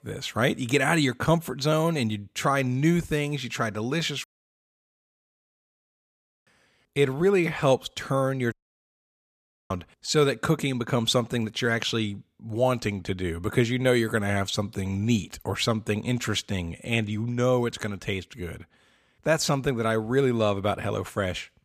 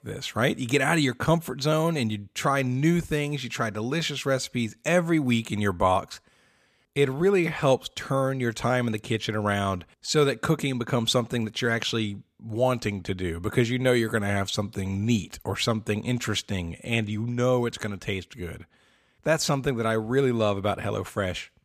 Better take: second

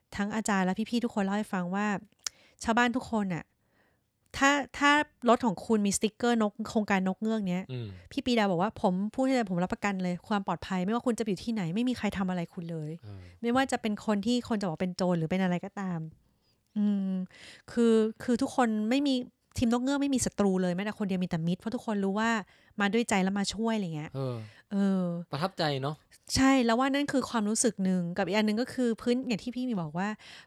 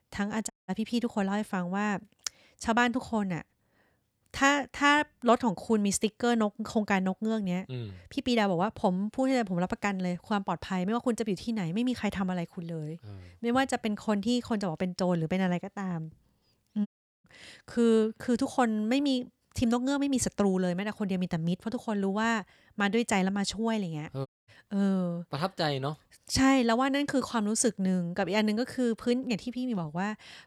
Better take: first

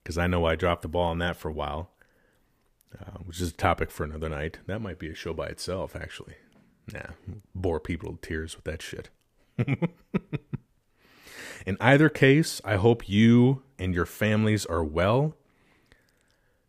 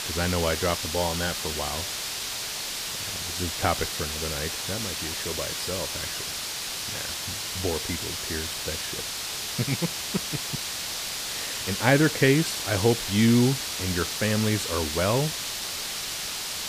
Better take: first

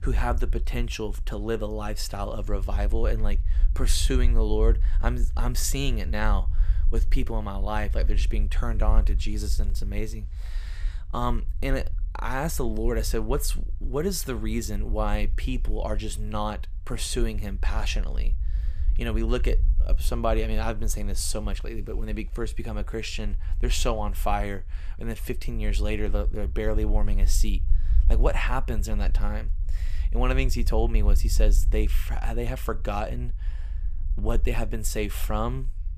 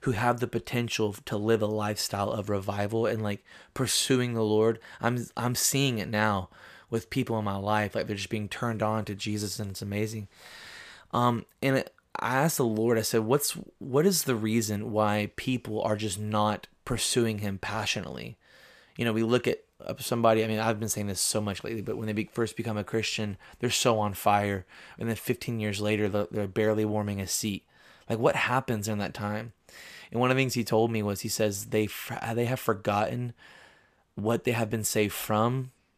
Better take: second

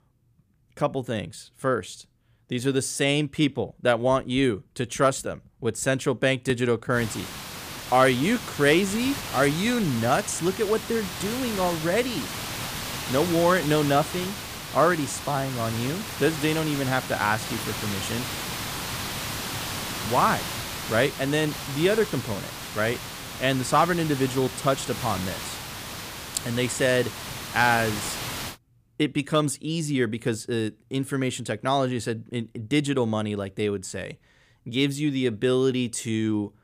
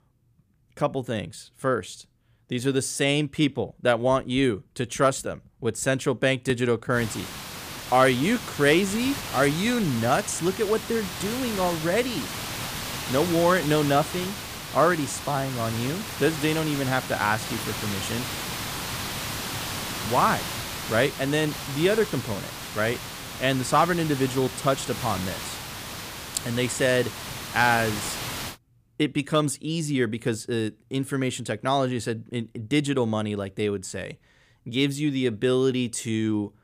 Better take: neither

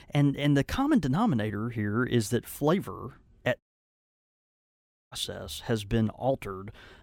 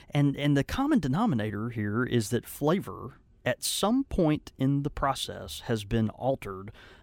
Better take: second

